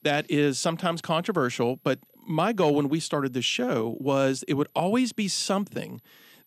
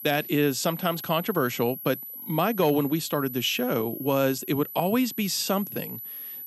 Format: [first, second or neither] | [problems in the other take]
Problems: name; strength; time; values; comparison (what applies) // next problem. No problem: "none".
first | high-pitched whine; loud; throughout; 12 kHz, 10 dB below the speech; faint in the first